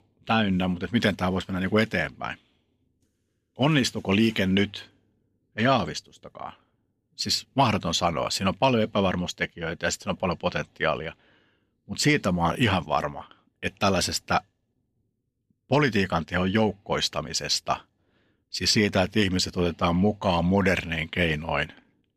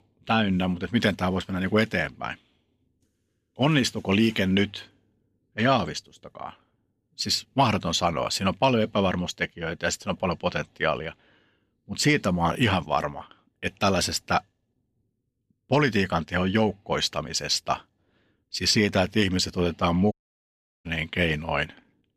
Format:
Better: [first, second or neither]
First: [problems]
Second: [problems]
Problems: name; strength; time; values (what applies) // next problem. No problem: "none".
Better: first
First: none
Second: audio cutting out; at 20 s for 0.5 s